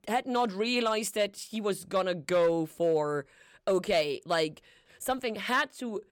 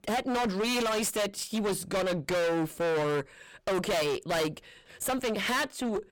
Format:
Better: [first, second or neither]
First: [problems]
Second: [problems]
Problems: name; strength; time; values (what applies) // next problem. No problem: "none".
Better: first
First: none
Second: distortion; heavy; 31% of the sound clipped